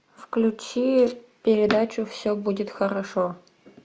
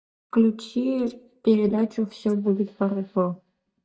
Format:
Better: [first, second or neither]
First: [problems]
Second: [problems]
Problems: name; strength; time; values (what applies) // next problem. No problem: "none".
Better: first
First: none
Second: noise reduction (neural mask model DeepFilterNet 3)